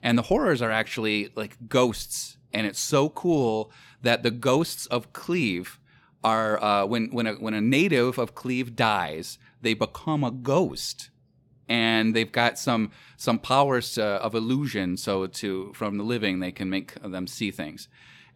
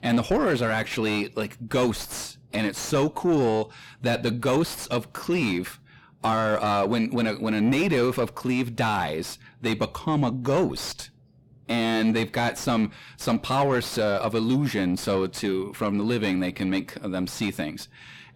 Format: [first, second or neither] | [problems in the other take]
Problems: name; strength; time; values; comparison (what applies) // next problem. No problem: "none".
first | distortion; heavy; 7 dB below the speech